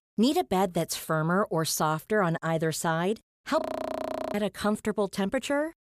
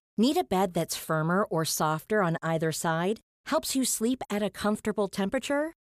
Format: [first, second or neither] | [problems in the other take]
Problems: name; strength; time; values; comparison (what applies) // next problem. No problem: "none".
second | audio freezing; at 3.5 s for 0.5 s